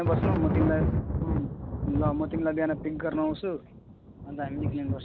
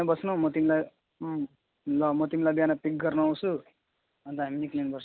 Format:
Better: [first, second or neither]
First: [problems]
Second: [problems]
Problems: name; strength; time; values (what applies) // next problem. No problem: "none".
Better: second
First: background sound (Thunder); 1 dB above the speech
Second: none